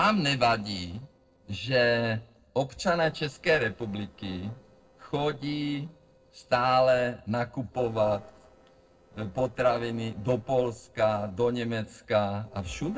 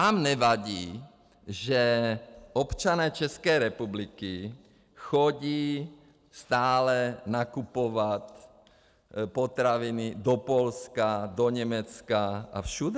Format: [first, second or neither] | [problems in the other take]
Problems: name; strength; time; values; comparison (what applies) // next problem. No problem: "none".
second | noise reduction (neural separator model SepFormer DNS4)